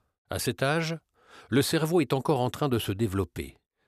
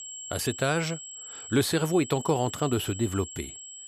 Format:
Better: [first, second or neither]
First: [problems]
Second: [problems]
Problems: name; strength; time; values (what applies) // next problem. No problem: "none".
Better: first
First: none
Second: high-pitched whine; noticeable; throughout; 7.5 kHz, 10 dB below the speech